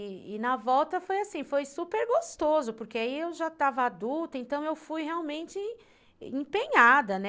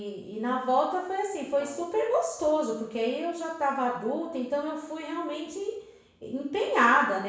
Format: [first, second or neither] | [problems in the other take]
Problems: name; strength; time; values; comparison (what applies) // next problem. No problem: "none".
first | background sound (Brass instrument); 19 dB below the speech // room echo; dies away in 0.7 s